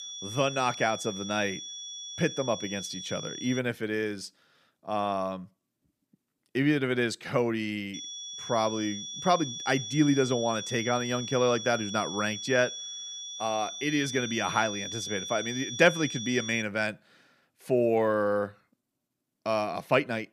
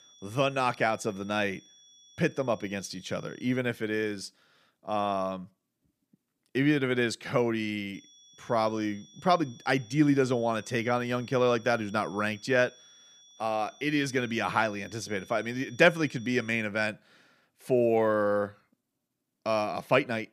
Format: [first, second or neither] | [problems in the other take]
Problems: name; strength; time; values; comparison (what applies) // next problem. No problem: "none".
second | high-pitched whine; loud; until 3.5 s and from 8 to 17 s; 3.5 kHz, 8 dB below the speech; faint in the second